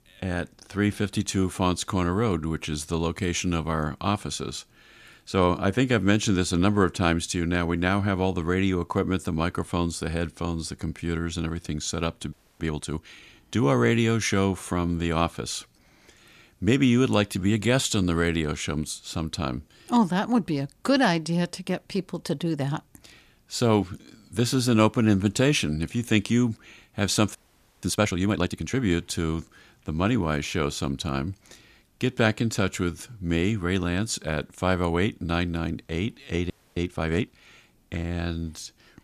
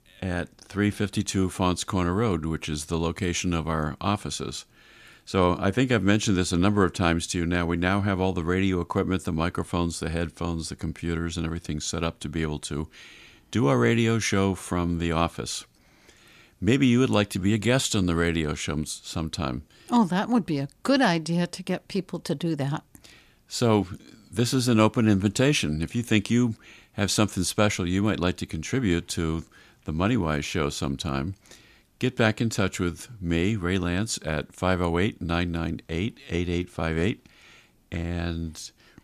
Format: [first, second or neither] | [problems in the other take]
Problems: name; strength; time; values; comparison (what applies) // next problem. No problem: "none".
second | audio freezing; at 12 s, at 27 s and at 37 s